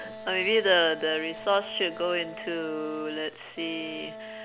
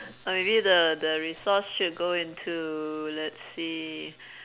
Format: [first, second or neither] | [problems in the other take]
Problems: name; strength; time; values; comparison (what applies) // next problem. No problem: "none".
second | background sound (Wind instrument, woodwind instrument); 14 dB below the speech